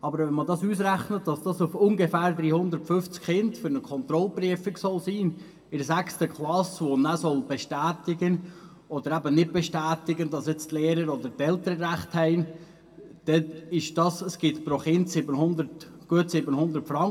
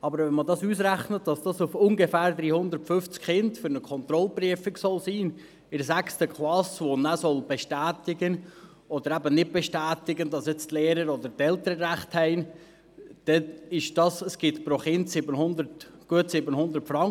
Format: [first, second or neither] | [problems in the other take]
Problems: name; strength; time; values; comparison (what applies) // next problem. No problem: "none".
second | room echo; dies away in 1.2 s